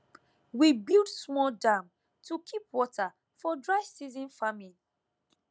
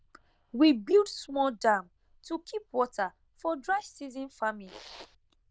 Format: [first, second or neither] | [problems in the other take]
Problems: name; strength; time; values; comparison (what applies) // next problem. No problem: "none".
first | noise reduction (neural diffusion model UNIVERSE++)